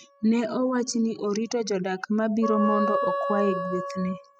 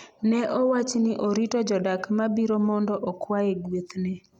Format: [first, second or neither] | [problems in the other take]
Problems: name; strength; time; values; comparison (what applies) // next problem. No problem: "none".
second | noise reduction (classical method spectral subtraction)